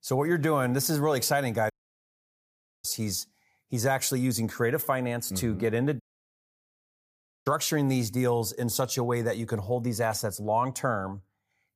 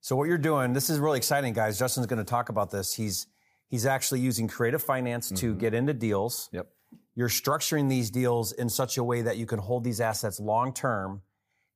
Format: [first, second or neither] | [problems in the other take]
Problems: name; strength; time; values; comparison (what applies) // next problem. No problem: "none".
second | audio cutting out; at 1.5 s for 1 s and at 6 s for 1.5 s